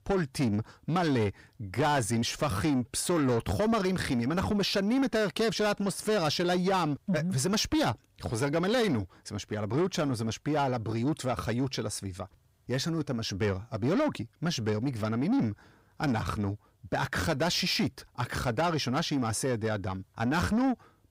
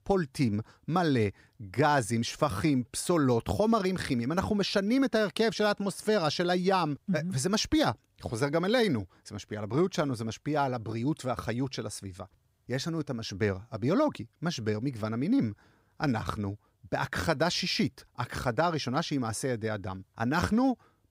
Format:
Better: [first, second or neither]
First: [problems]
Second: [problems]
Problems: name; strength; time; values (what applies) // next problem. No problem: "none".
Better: second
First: distortion; slight; 10 dB below the speech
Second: none